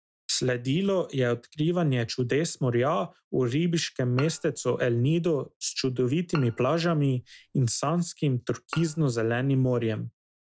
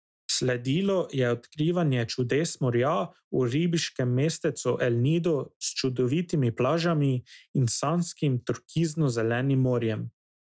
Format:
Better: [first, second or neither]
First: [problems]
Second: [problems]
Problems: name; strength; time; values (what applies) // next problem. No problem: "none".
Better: second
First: background sound (Bowed string instrument); 19 dB below the speech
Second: none